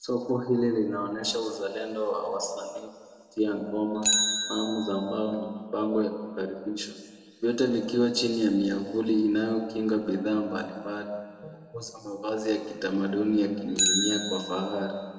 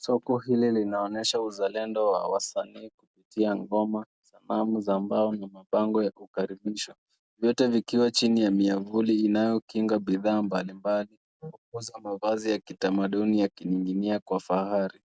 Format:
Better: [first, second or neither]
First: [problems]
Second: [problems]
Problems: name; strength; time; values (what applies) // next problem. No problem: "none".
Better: second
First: background sound (Bicycle); 7 dB below the speech // room echo; dies away in 1.8 s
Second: none